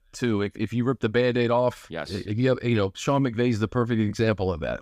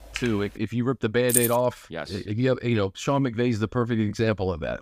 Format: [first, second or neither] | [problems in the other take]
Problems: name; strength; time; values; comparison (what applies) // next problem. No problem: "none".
first | keyboard typing; faint; at the start; peak 10 dB below the speech // jangling keys; loud; at 1.5 s; peak 2 dB above the speech